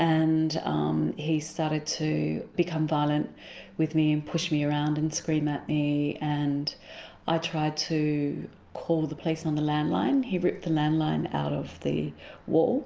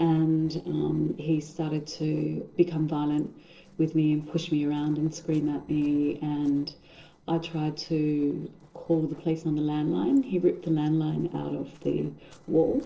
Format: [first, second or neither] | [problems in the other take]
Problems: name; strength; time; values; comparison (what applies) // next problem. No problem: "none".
first | noise reduction (neural separator model SepFormer DNS4)